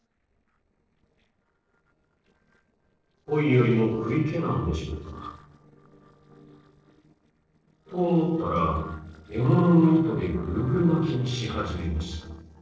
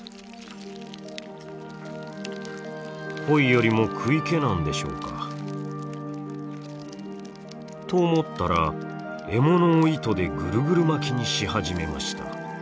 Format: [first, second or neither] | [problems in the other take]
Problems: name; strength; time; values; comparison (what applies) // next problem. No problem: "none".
second | noise reduction (neural separator model SepFormer DNS4)